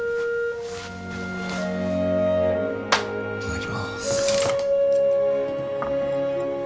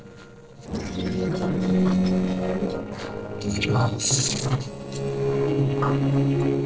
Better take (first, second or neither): first